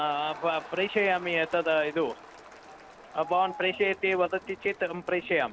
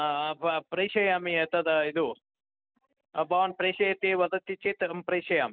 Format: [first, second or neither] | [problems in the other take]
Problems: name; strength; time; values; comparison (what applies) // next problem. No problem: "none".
second | background sound (Crowd); 17 dB below the speech